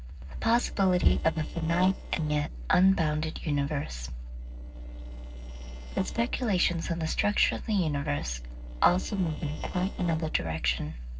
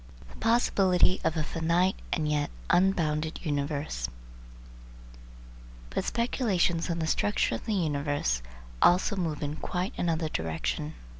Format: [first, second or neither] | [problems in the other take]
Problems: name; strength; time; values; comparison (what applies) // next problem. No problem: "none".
second | noise reduction (neural separator model SepFormer DNS4)